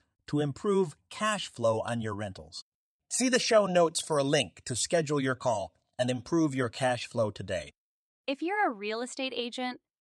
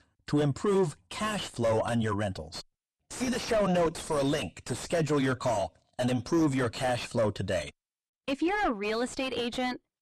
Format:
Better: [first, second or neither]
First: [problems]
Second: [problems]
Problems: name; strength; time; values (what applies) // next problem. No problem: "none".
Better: first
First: none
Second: distortion; heavy; 5 dB below the speech